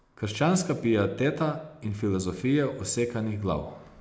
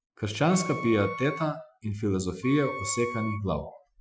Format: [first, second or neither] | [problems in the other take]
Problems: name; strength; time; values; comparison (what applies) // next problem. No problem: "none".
first | noise reduction (classical method Wiener filter)